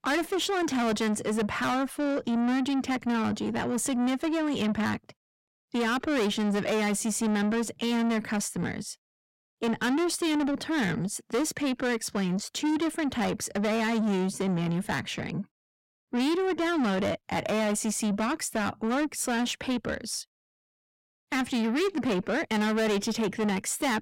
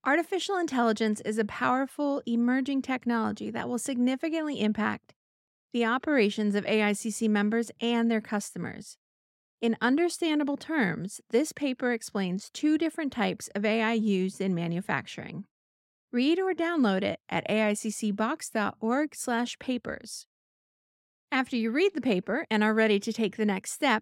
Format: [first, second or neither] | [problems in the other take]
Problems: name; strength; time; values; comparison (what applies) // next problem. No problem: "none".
second | distortion; heavy; 7 dB below the speech